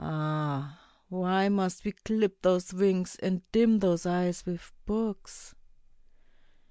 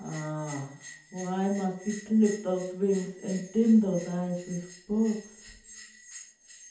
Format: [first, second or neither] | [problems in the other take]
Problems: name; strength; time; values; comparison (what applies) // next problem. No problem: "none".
first | background sound (Bell); 19 dB below the speech // room echo; dies away in 0.6 s